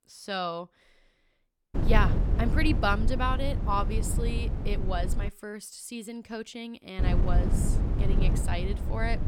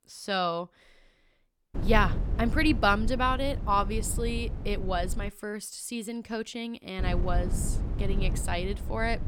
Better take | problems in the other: second | wind noise on the microphone; heavy; from 2 to 5.5 s and from 7 s on; 8 dB below the speech; occasional gusts in the second

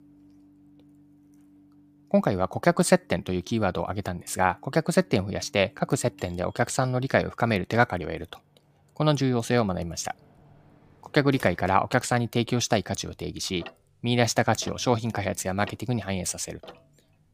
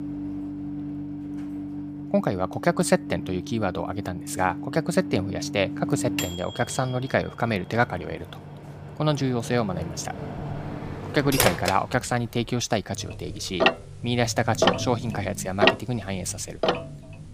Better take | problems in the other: first | household noises; loud; throughout; 3 dB below the speech; faint in the first

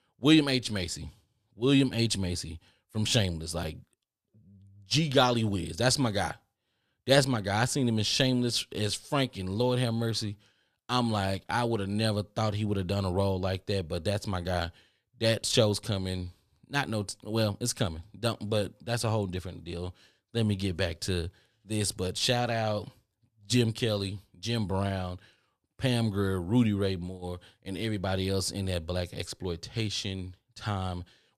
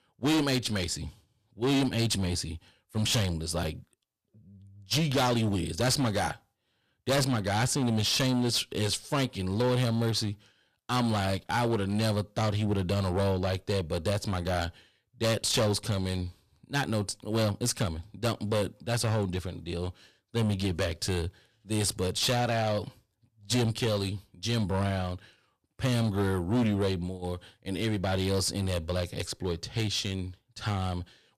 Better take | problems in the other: first | distortion; heavy; 10% of the sound clipped

